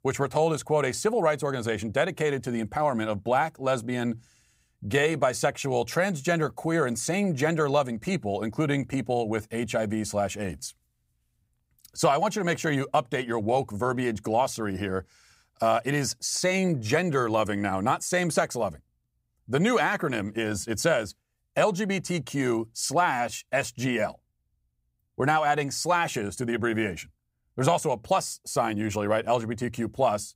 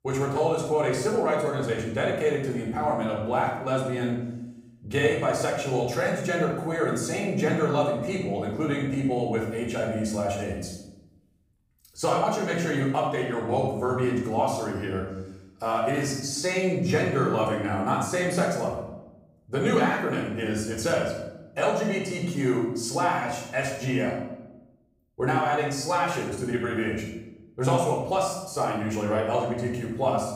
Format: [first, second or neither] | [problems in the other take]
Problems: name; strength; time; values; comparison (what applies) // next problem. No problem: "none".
first | off-mic speech; far // room echo; noticeable; dies away in 0.8 s